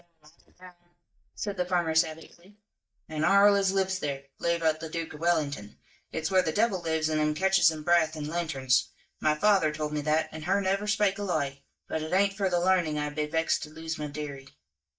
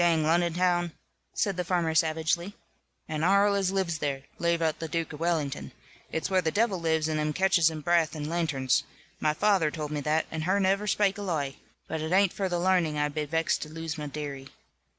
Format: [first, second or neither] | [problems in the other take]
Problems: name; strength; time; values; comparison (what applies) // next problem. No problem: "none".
second | noise reduction (neural mask model DeepFilterNet 3)